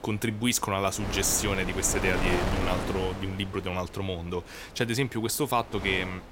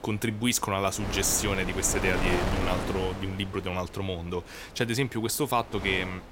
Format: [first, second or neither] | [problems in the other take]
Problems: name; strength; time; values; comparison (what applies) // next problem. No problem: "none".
neither | wind noise on the microphone; heavy; 5 dB below the speech; the same in both